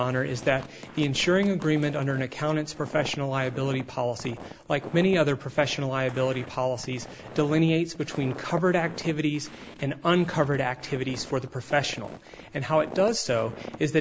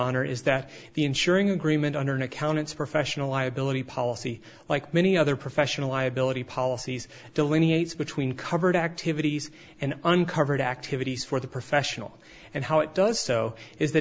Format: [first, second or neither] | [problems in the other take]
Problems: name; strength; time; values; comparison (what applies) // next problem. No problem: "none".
second | background sound (Run + Walk, footsteps); 16 dB below the speech